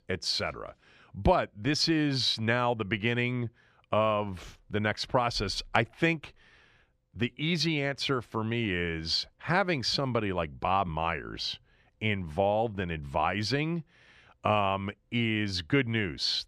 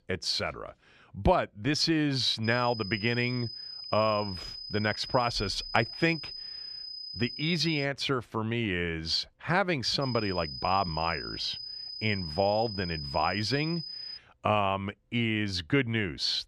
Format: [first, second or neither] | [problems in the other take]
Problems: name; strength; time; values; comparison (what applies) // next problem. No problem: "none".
first | high-pitched whine; loud; from 2.5 to 8 s and from 10 to 14 s; 5 kHz, 9 dB below the speech